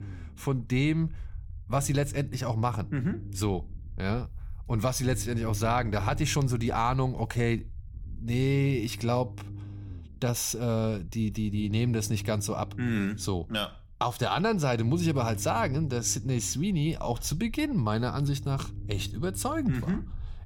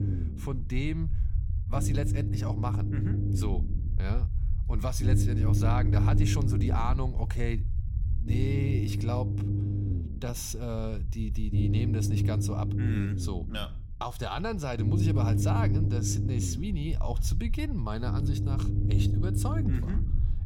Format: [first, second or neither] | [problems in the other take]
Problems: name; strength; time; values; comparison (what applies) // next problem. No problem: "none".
first | low rumble; loud; throughout; 3 dB below the speech; faint in the first